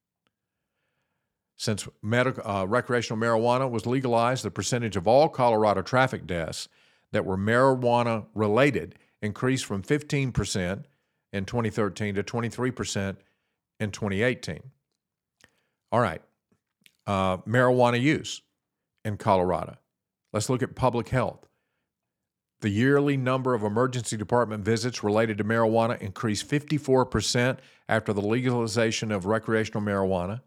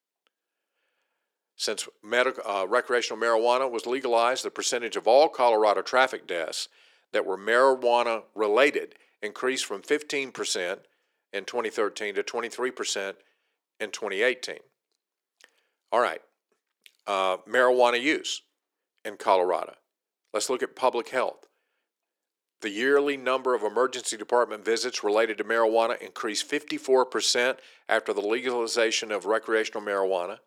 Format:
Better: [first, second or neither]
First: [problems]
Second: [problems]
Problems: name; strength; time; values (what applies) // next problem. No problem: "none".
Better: first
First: none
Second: thin; somewhat; fading below 350 Hz